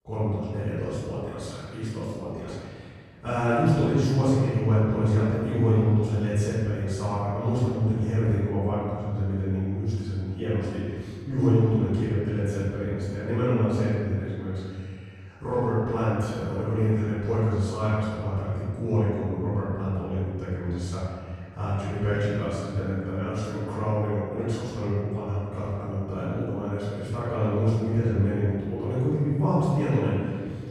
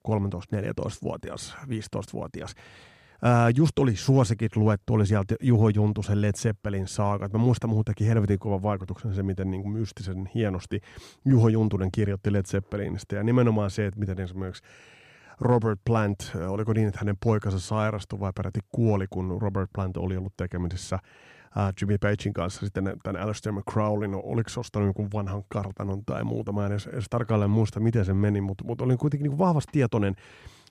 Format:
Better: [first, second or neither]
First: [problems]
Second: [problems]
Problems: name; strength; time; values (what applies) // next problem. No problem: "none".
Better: second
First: off-mic speech; far // room echo; strong; dies away in 1.8 s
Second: none